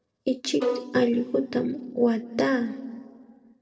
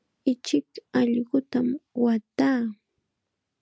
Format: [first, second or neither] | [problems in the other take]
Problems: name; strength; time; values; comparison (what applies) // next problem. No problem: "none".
second | noise reduction (neural separator model SepFormer DNS4)